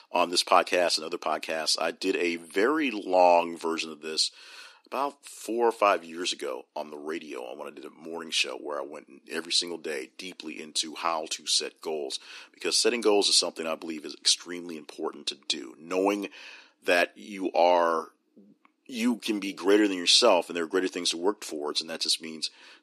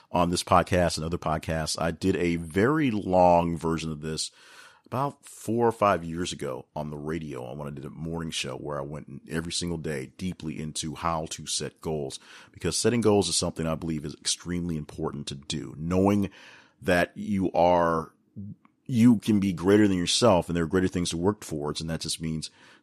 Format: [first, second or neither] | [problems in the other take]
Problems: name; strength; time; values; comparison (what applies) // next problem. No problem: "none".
second | thin; somewhat; fading below 300 Hz